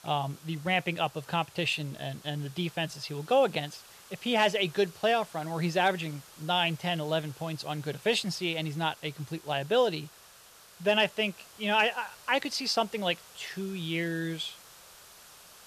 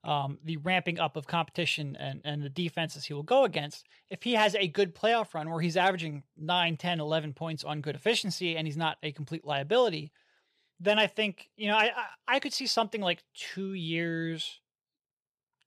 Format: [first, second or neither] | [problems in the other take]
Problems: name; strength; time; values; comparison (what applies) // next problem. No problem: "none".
second | hiss; faint; throughout; 20 dB below the speech